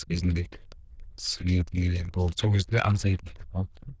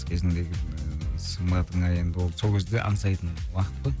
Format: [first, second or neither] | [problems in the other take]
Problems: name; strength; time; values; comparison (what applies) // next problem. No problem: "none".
second | noise reduction (neural diffusion model UNIVERSE++)